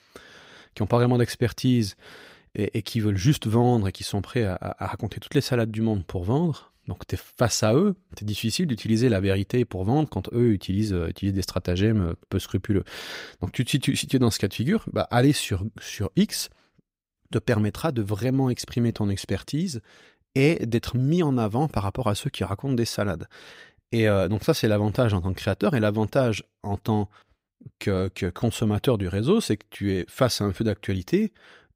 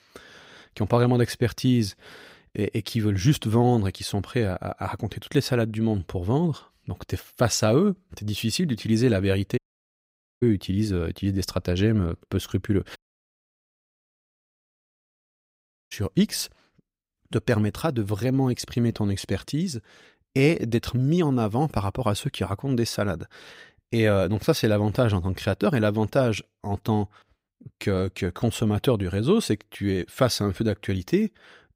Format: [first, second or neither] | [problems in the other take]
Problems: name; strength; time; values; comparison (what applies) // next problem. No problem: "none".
first | audio cutting out; at 9.5 s for 1 s and at 13 s for 3 s